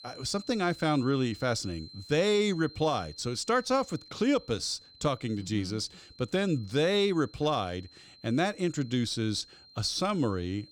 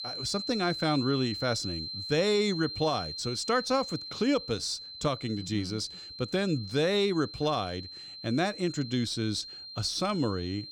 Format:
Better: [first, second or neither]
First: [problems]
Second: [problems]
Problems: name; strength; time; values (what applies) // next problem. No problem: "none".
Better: first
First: high-pitched whine; faint; throughout; 4 kHz, 20 dB below the speech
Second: high-pitched whine; loud; throughout; 4 kHz, 8 dB below the speech